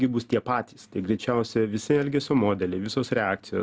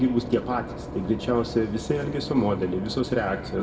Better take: first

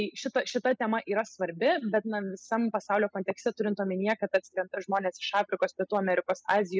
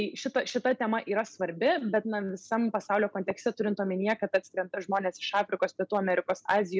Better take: second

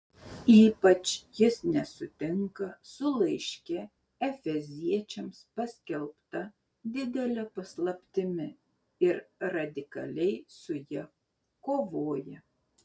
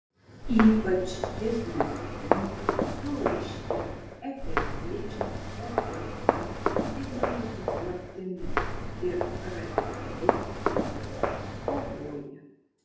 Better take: first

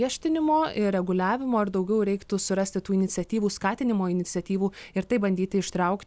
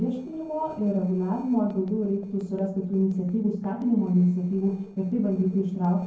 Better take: first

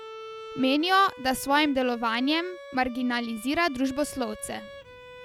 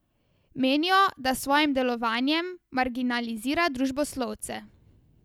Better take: second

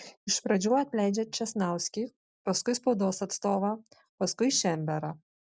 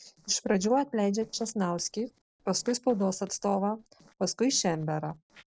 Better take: first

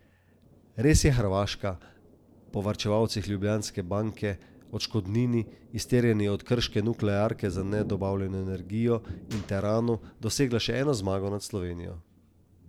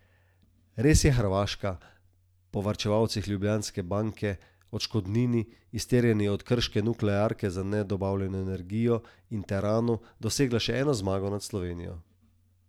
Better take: second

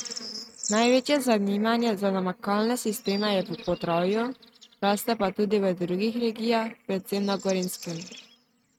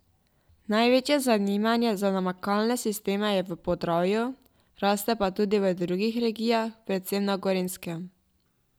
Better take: second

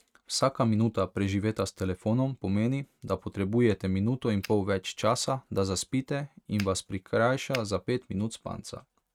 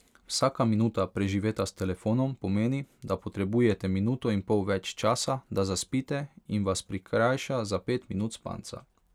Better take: second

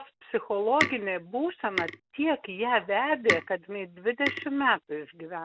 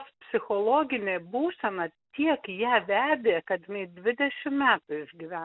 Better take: second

